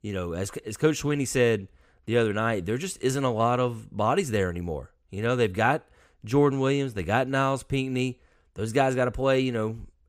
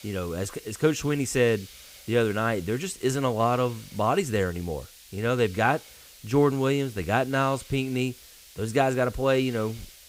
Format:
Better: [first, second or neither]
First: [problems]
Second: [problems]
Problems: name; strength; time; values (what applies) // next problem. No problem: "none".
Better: first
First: none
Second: hiss; faint; throughout; 20 dB below the speech